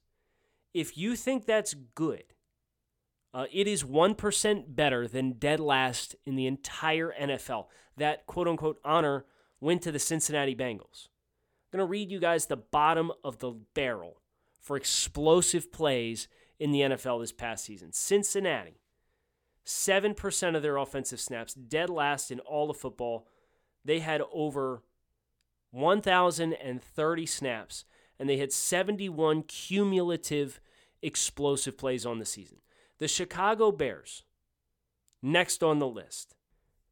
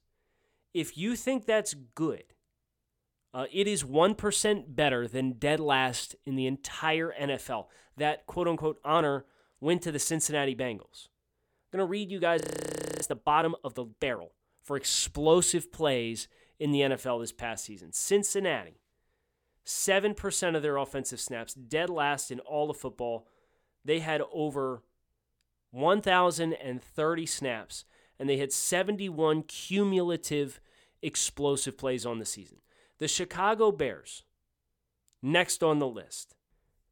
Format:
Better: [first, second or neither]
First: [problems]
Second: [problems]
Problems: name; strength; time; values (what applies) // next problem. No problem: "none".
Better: first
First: none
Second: audio freezing; at 12 s for 0.5 s